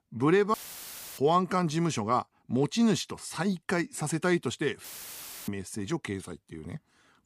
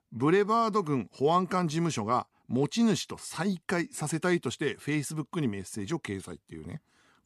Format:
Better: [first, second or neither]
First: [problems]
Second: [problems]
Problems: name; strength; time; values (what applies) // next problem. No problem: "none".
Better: second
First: audio cutting out; filled with static; at 0.5 s for 0.5 s and at 5 s for 0.5 s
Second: none